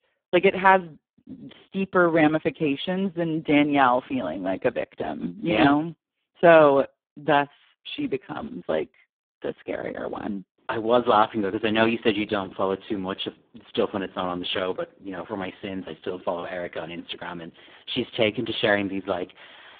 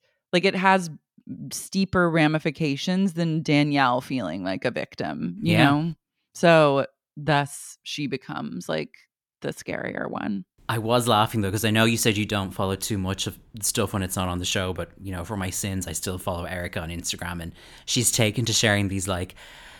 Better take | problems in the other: second | phone-call audio; poor line

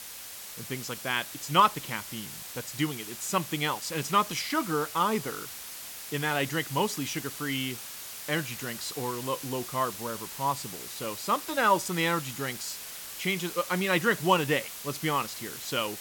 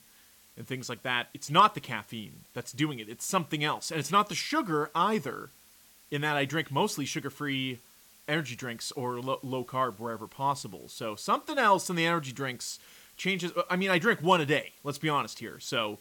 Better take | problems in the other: second | hiss; loud; throughout; 9 dB below the speech; faint in the second

